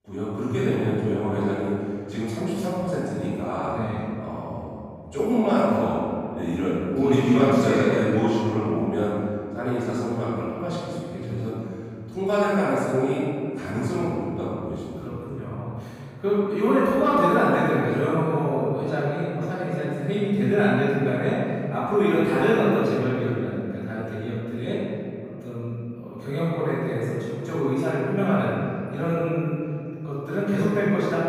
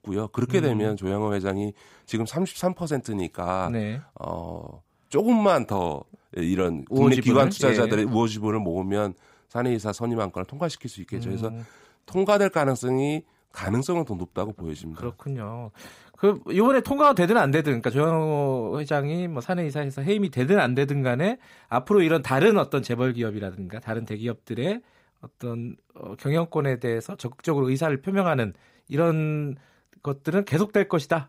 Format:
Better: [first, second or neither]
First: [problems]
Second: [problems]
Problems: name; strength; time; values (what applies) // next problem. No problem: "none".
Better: second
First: room echo; strong; dies away in 2.5 s // off-mic speech; far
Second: none